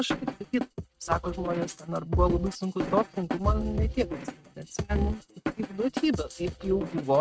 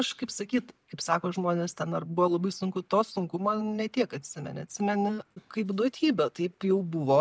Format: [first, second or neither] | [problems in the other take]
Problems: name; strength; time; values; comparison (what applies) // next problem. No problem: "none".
second | noise reduction (neural mask model RNNoise)